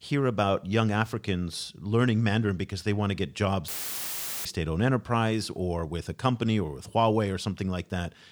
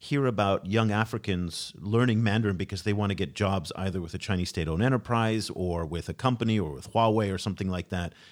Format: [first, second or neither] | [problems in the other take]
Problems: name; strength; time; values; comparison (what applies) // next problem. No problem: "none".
second | audio cutting out; filled with static; at 3.5 s for 1 s